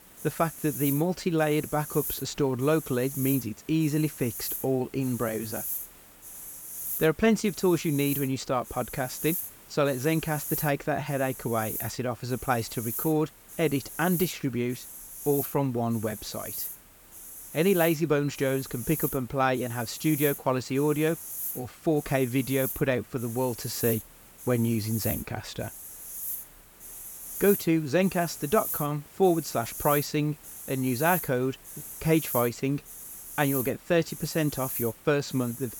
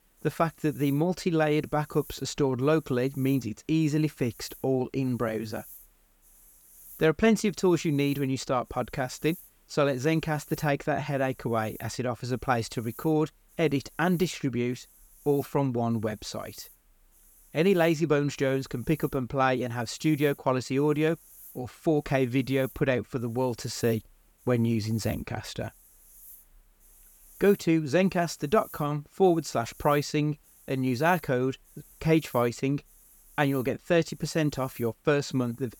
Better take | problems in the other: second | hiss; loud; throughout; 8 dB below the speech; faint in the second

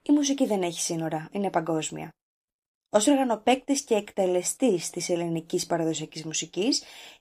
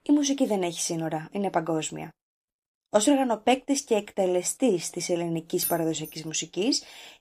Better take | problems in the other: first | jangling keys; noticeable; at 5.5 s; peak 4 dB below the speech

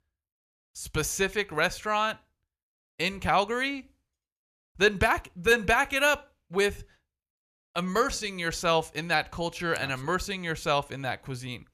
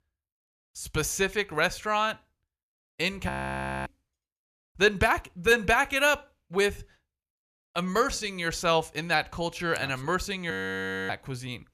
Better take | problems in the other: first | audio freezing; at 3.5 s for 0.5 s and at 11 s for 0.5 s

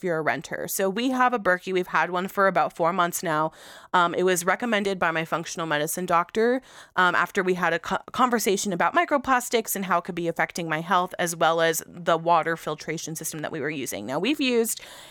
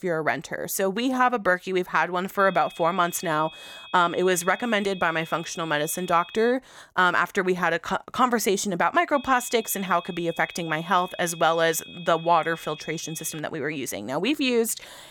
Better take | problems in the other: first | high-pitched whine; noticeable; from 2.5 to 6.5 s and from 9 to 13 s; 3.5 kHz, 15 dB below the speech

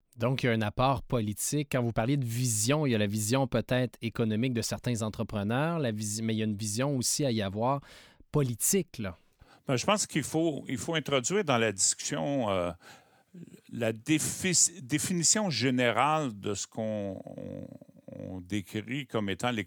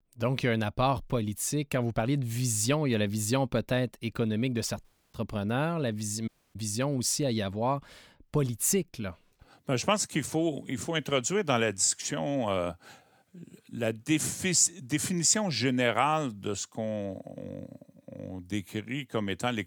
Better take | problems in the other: first | audio cutting out; at 5 s and at 6.5 s

